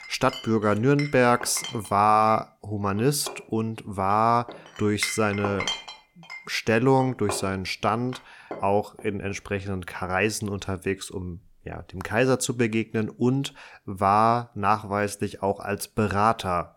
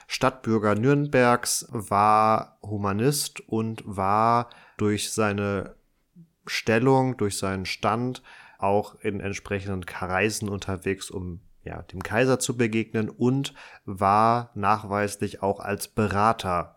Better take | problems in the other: second | household noises; noticeable; until 9 s; 10 dB below the speech

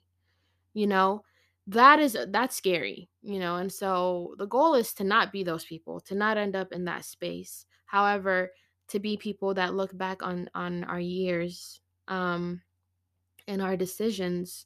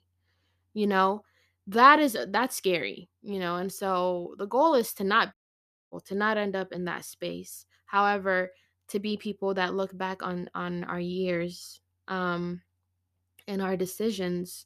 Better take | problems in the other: first | audio cutting out; at 5.5 s for 0.5 s

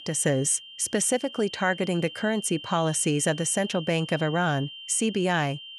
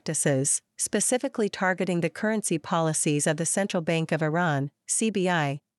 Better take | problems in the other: second | high-pitched whine; noticeable; throughout; 3 kHz, 15 dB below the speech

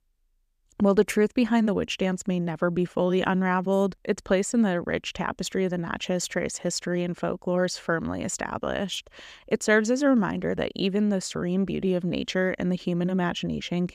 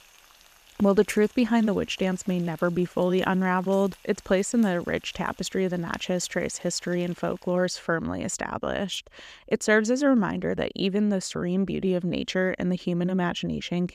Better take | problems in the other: first | household noises; faint; until 7.5 s; 25 dB below the speech

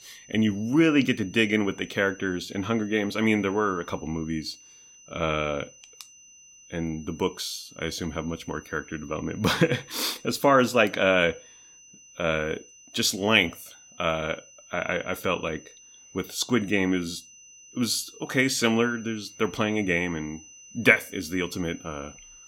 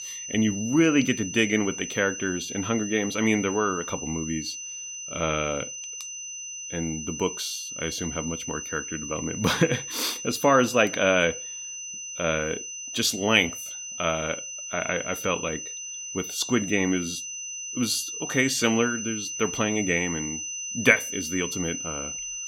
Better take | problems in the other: first | high-pitched whine; loud; throughout; 6 kHz, 7 dB below the speech; faint in the first

